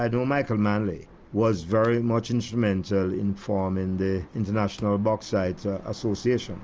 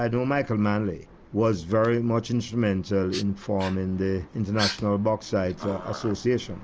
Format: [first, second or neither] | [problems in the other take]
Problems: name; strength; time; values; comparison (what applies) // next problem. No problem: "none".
first | background sound (Dog); 13 dB below the speech